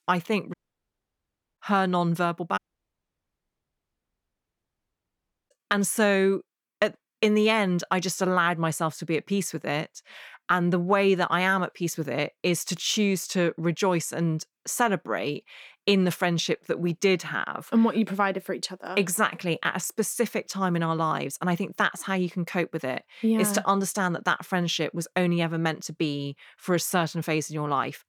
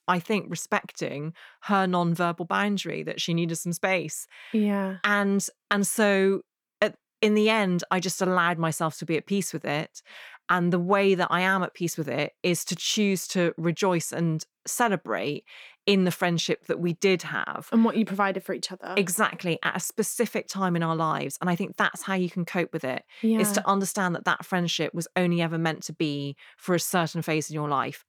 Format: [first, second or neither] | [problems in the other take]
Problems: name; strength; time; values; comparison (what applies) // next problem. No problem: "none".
second | audio cutting out; at 0.5 s for 1 s and at 2.5 s for 3 s